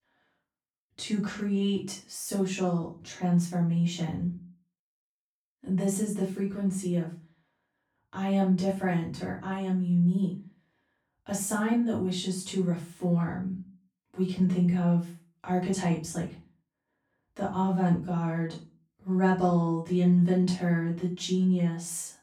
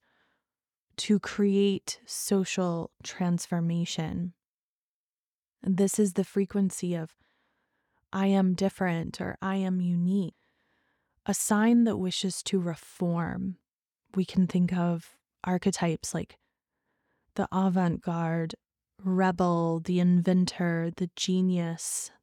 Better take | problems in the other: second | room echo; slight; dies away in 0.3 s // off-mic speech; far

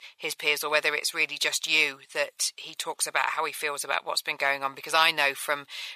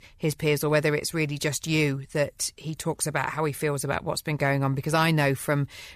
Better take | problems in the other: second | thin; very; fading below 800 Hz

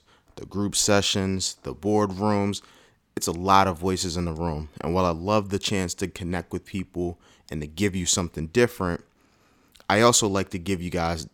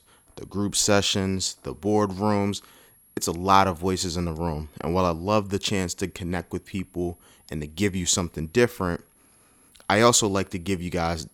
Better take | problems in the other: first | high-pitched whine; faint; throughout; 11.5 kHz, 30 dB below the speech

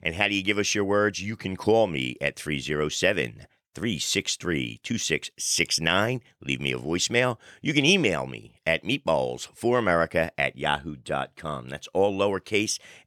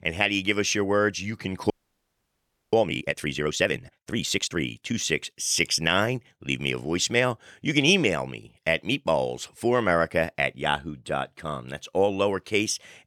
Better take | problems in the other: first | audio freezing; at 1.5 s for 1 s

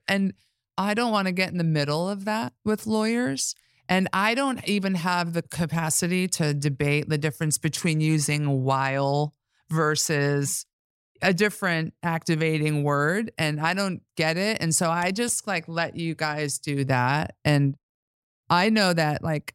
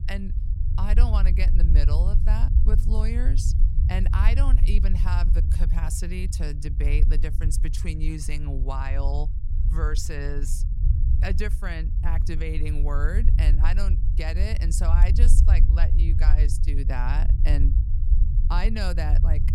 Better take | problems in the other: first | low rumble; loud; throughout; 7 dB below the speech

